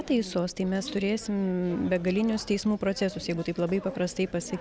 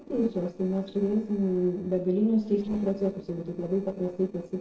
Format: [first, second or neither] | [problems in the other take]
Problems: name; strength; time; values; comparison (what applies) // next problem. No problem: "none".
first | noise reduction (neural separator model SepFormer DNS4)